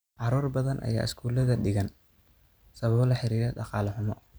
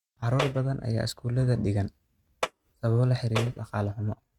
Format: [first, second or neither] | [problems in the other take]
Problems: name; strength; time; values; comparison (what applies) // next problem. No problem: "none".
first | noise reduction (neural mask model RNNoise)